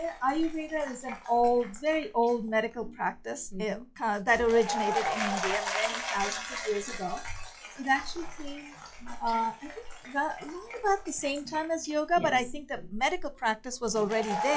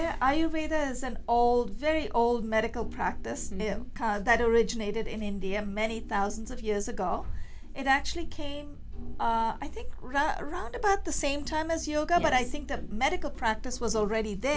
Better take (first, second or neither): second